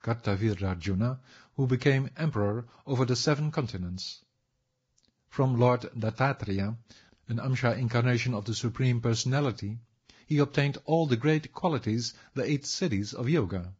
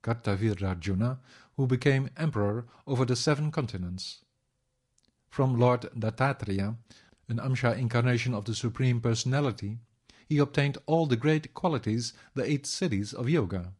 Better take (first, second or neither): second